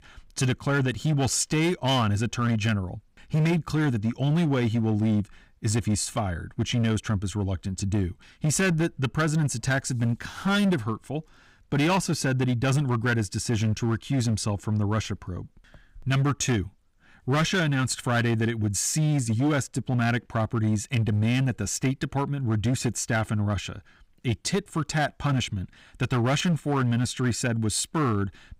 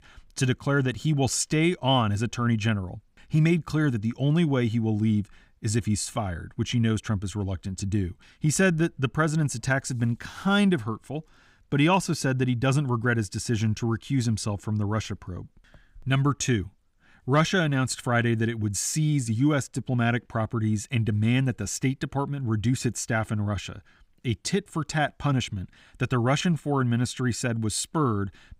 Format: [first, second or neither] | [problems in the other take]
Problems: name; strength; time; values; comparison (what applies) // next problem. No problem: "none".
second | distortion; slight; 11% of the sound clipped